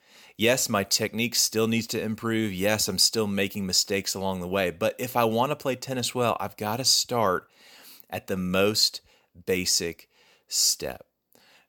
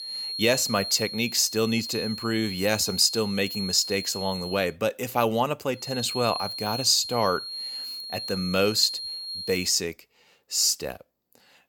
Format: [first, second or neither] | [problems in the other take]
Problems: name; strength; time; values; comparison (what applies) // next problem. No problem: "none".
first | high-pitched whine; loud; until 4.5 s and from 6 to 9.5 s; 4 kHz, 8 dB below the speech